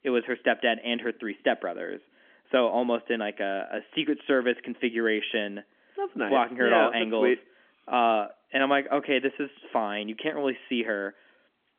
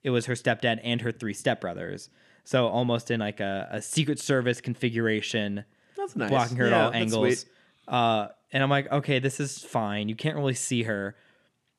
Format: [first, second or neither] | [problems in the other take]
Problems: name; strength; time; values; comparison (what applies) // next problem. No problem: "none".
second | phone-call audio; nothing above 3.5 kHz